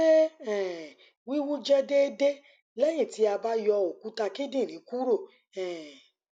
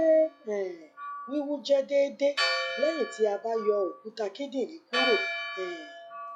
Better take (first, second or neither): first